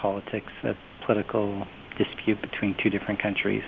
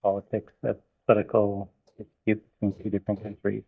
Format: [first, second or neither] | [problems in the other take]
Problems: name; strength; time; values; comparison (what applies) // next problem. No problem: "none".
first | noise reduction (neural mask model DeepFilterNet 3)